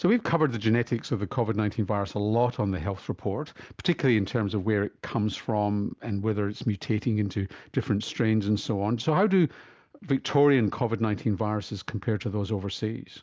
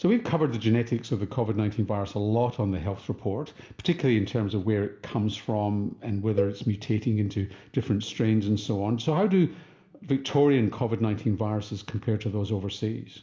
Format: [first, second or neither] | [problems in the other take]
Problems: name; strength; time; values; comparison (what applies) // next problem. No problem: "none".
first | background sound (Cowbell); 10 dB below the speech // room echo; dies away in 0.6 s